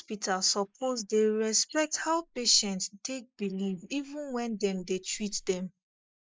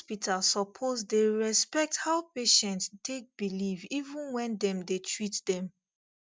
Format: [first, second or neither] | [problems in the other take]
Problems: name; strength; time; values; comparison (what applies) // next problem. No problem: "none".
second | noise reduction (neural mask model Resemble Enhance denoiser)